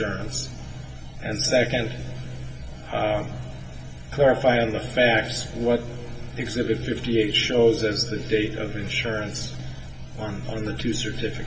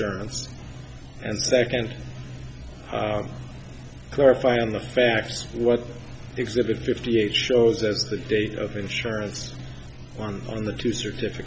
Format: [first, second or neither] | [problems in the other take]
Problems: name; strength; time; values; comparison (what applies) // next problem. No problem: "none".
second | room echo; dies away in 1.9 s